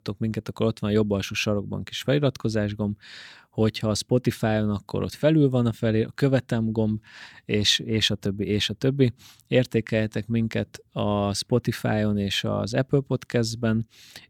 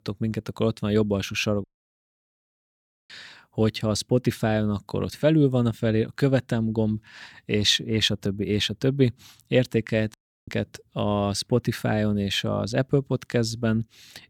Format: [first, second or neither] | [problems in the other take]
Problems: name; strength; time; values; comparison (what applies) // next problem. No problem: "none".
first | audio cutting out; at 1.5 s for 1.5 s and at 10 s